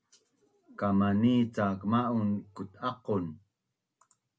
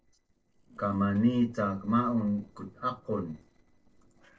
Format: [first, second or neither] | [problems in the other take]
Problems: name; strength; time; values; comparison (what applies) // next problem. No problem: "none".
first | noise reduction (neural separator model SepFormer DNS4)